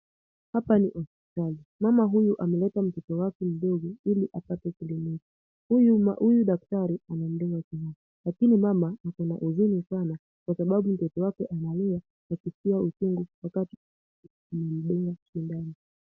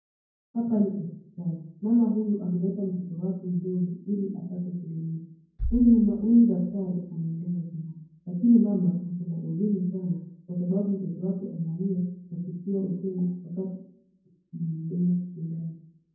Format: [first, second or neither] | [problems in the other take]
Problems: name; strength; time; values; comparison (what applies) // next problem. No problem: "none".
first | background sound (Bass drum); 18 dB below the speech // room echo; dies away in 0.9 s